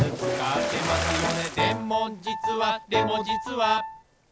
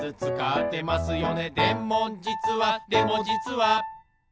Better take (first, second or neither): second